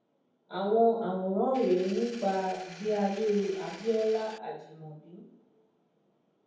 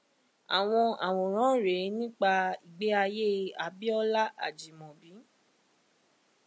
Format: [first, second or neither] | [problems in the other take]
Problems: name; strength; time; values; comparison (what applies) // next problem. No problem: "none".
second | background sound (Engine); 17 dB below the speech // room echo; dies away in 0.9 s